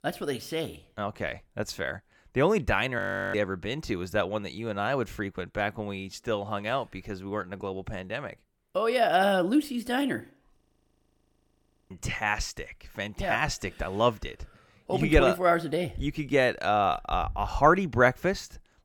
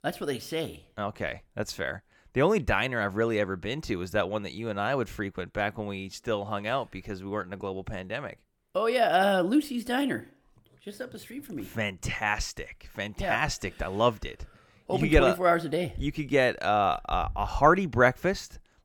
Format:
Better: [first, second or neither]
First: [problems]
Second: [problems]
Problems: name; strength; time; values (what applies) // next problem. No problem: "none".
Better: second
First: audio freezing; at 3 s and at 11 s for 1.5 s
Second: none